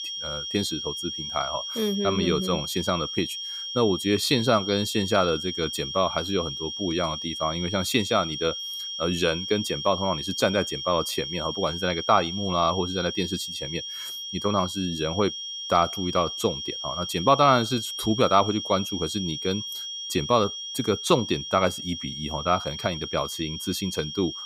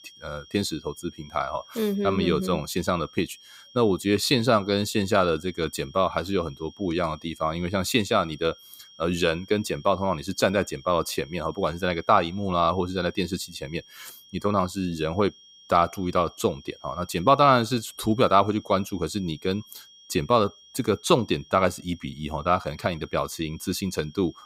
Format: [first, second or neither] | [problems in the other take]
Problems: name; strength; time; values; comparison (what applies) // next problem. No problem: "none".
second | high-pitched whine; loud; throughout; 3 kHz, 5 dB below the speech; faint in the second